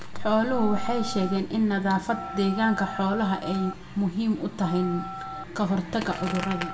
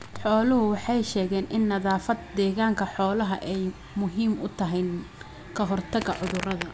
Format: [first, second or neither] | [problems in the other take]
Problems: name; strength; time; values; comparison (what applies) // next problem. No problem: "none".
second | background sound (Telephone); 13 dB below the speech // room echo; dies away in 0.8 s